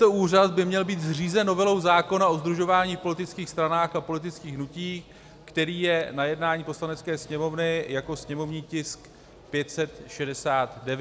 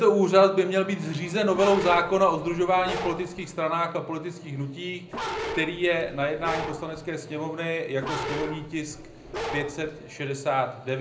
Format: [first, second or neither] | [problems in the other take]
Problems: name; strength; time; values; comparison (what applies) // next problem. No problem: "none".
first | background sound (Bark); 9 dB below the speech // room echo; dies away in 0.4 s